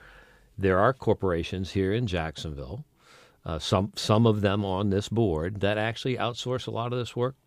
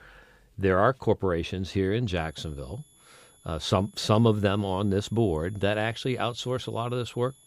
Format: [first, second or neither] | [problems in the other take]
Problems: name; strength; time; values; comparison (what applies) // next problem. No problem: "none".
first | high-pitched whine; faint; from 2 s on; 11 kHz, 30 dB below the speech